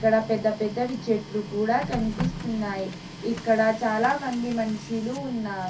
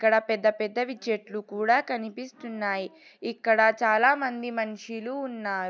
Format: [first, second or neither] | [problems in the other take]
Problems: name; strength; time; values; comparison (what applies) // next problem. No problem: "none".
second | background sound (Printer); 10 dB below the speech // room echo; dies away in 0.3 s